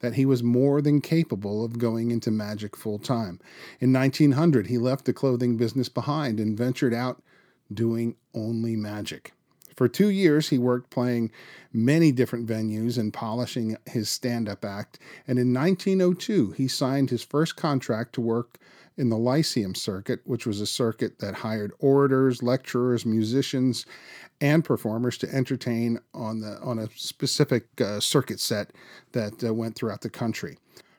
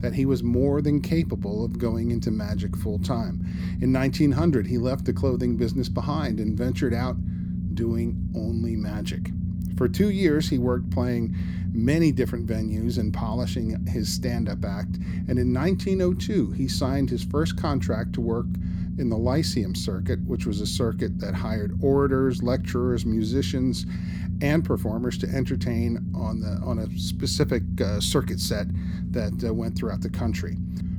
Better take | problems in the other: first | low rumble; loud; throughout; 9 dB below the speech

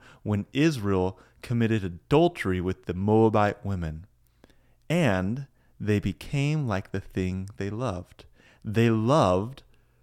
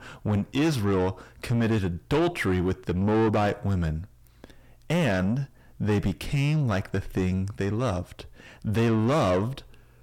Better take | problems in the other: first | distortion; heavy; 6 dB below the speech

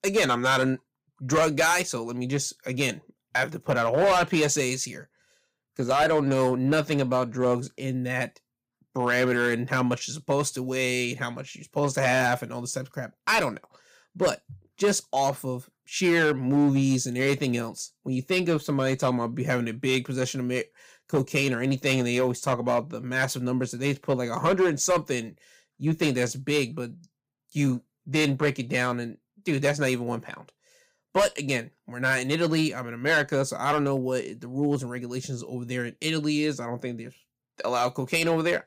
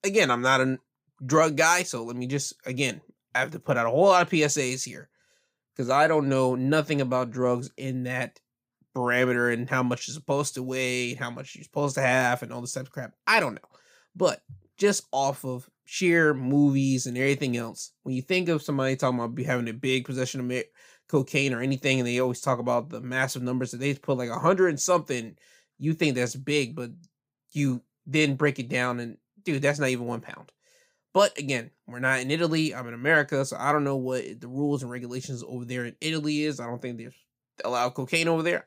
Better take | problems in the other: second | distortion; slight; 4% of the sound clipped

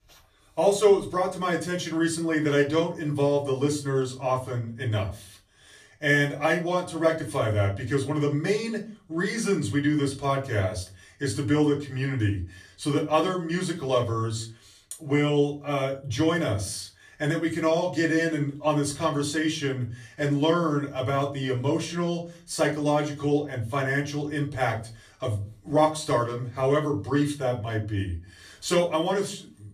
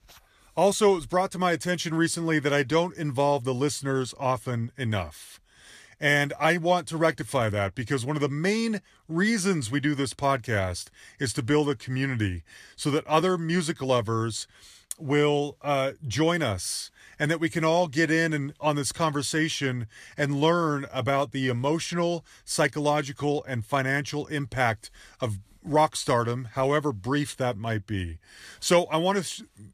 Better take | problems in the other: second | off-mic speech; far // room echo; very slight; dies away in 0.3 s

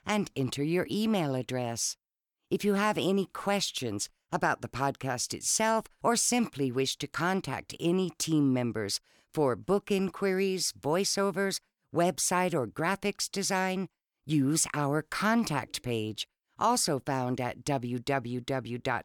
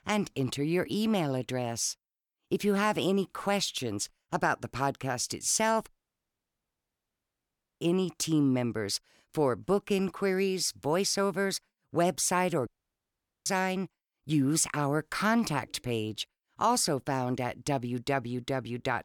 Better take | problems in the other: first | audio cutting out; at 6 s for 2 s and at 13 s for 1 s

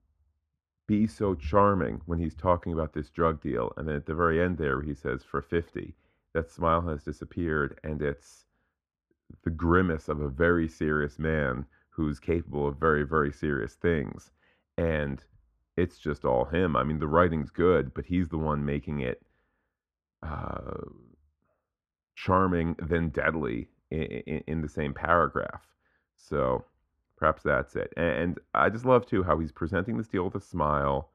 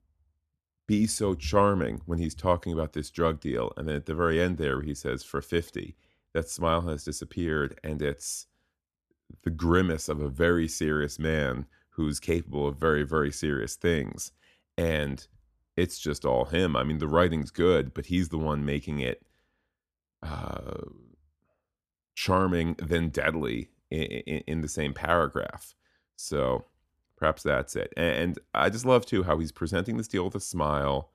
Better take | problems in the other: second | muffled; very; fading above 3.5 kHz

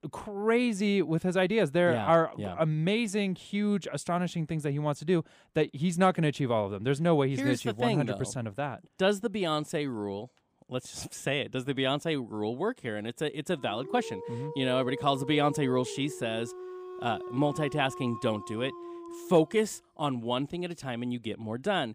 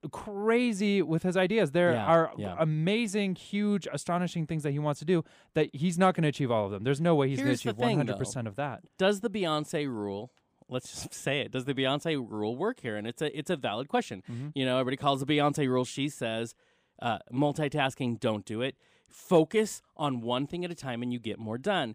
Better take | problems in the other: second | dog barking; noticeable; from 14 to 20 s; peak 9 dB below the speech

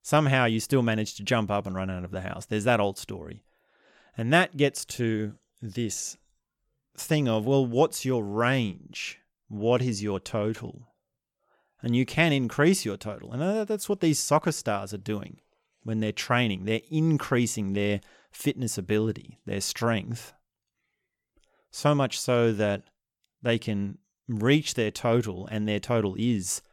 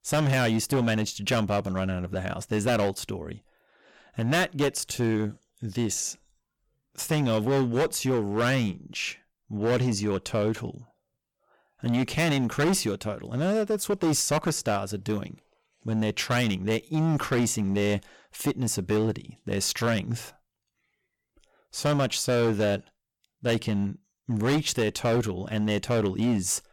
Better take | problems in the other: first | distortion; heavy; 11% of the sound clipped

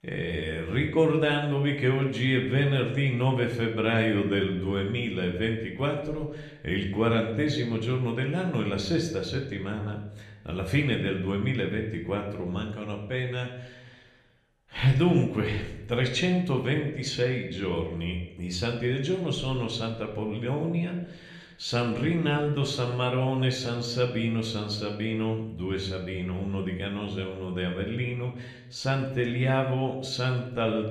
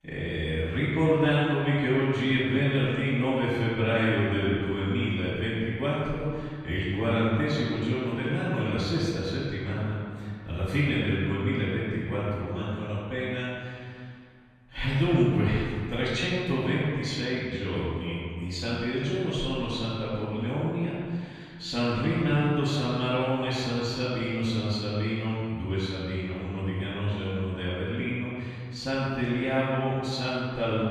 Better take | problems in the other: first | room echo; strong; dies away in 2.1 s; slight in the first // off-mic speech; far

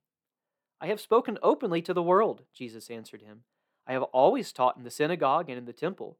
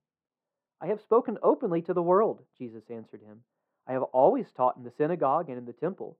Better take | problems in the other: first | muffled; very; fading above 3 kHz

